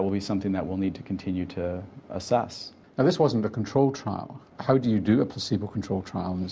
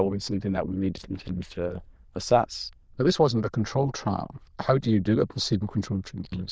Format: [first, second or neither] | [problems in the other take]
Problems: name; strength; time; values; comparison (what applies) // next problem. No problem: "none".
first | noise reduction (neural diffusion model UNIVERSE++)